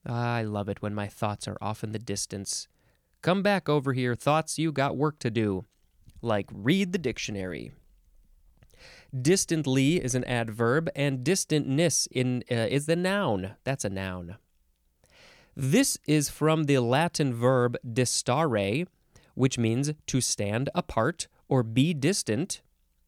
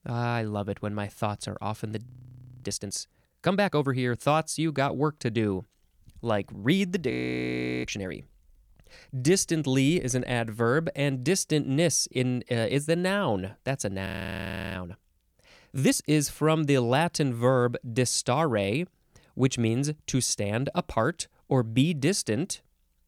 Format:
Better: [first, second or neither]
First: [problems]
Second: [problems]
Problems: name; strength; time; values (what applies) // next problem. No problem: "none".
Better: first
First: none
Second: audio freezing; at 2 s for 0.5 s, at 7 s for 0.5 s and at 14 s for 0.5 s